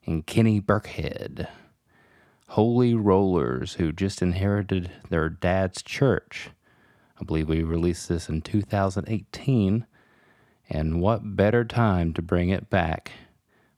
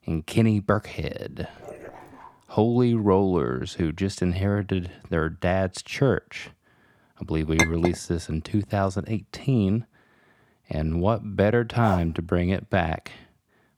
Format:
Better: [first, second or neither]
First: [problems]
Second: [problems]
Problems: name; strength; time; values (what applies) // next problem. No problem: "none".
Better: first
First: none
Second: dog barking; faint; at 1.5 s; peak 15 dB below the speech // clattering dishes; loud; at 7.5 s; peak 1 dB above the speech // dog barking; noticeable; at 12 s; peak 7 dB below the speech